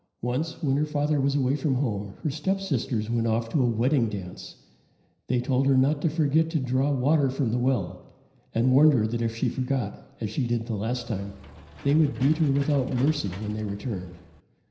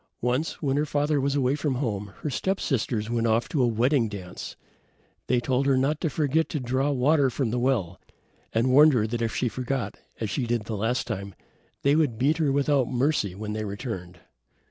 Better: second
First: background sound (Engine / Mechanisms); 19 dB below the speech // room echo; dies away in 0.9 s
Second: none

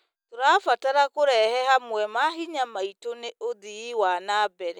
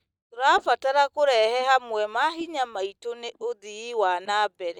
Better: first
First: none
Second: noise reduction (neural mask model DeepFilterNet 3)

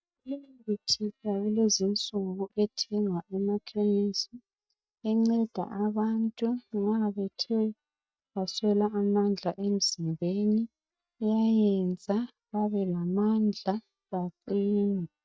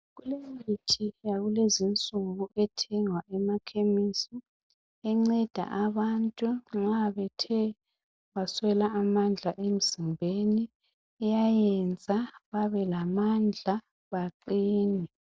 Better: second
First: noise reduction (neural mask model DeepFilterNet 3)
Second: none

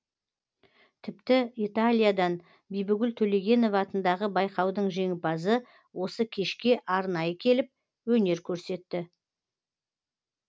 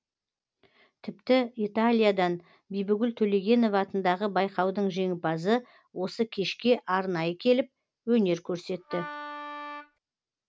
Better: first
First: none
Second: background sound (Wind instrument, woodwind instrument); 12 dB below the speech

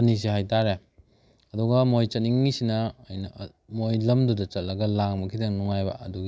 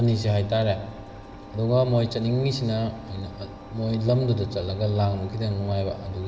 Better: first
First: none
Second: background sound (Engine); 17 dB below the speech // room echo; dies away in 2.7 s

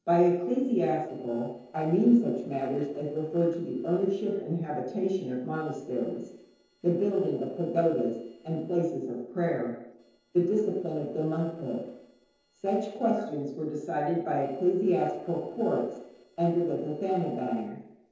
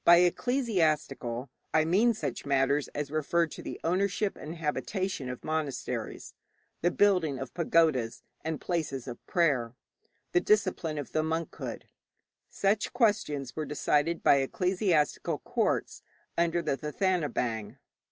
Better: second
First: noise reduction (neural separator model SepFormer DNS4)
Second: none

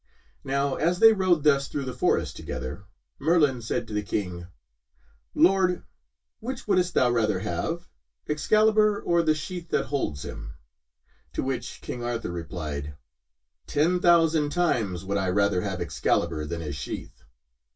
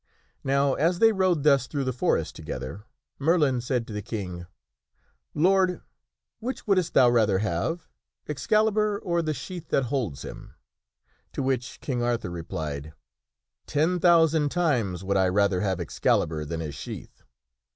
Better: second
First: room echo; dies away in 0.1 s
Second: none

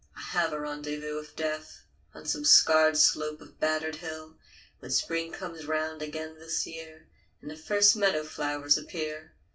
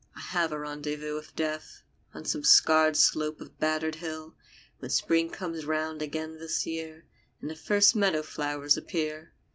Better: second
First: room echo; dies away in 0.2 s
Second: none

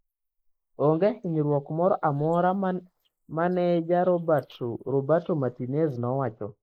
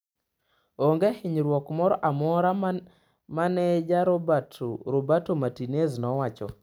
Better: second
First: noise reduction (neural mask model Resemble Enhance denoiser)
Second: none

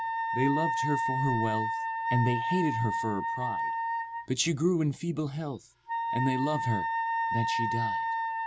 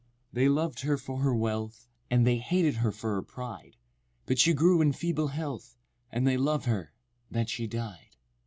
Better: second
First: background sound (Wind instrument, woodwind instrument); as loud as the speech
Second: none

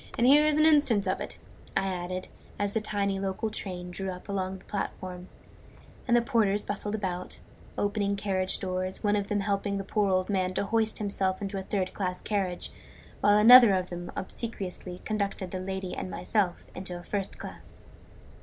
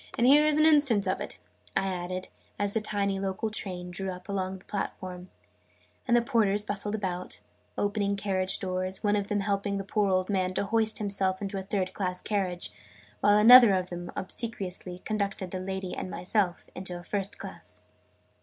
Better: second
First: background sound (Fire); 19 dB below the speech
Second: none

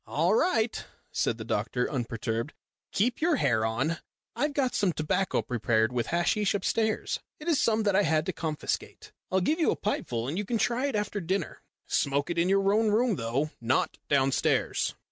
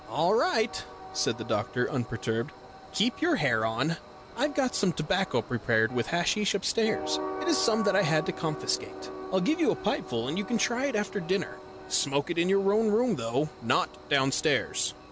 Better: first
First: none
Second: background sound (Train); 13 dB below the speech

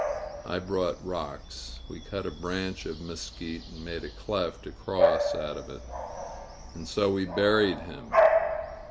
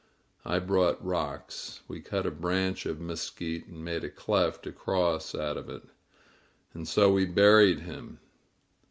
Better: second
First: background sound (Bark / Bird vocalization, bird call, bird song); 1 dB above the speech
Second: none

